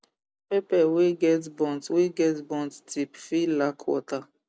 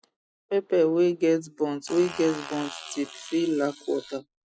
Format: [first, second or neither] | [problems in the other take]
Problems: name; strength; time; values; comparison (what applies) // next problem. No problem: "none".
first | noise reduction (classical method Wiener filter)